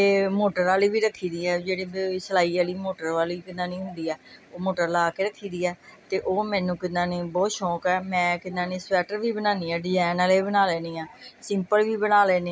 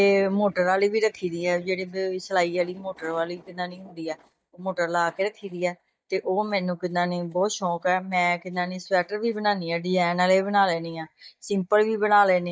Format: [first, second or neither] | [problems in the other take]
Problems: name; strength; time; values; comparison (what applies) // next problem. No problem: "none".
first | noise reduction (neural mask model DeepFilterNet 3)